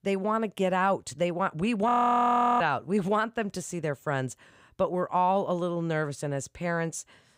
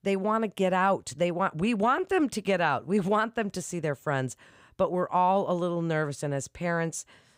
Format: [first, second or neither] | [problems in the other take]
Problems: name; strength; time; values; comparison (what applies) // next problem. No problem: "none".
second | audio freezing; at 2 s for 0.5 s